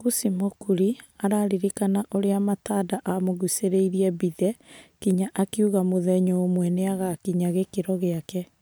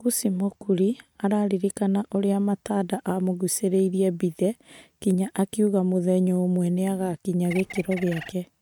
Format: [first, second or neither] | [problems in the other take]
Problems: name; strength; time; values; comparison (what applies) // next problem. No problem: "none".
first | noise reduction (neural mask model RNNoise)